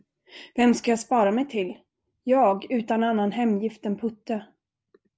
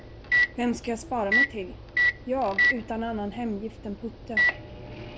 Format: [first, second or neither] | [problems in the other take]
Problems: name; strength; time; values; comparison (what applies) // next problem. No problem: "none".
first | background sound (Microwave oven); 4 dB above the speech